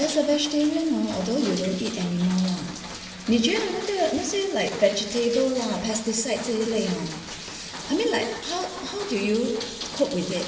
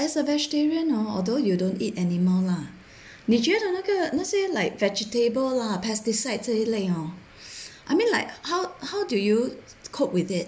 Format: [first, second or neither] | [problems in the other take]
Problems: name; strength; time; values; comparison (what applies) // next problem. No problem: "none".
second | background sound (Rain); 12 dB below the speech // room echo; dies away in 2.4 s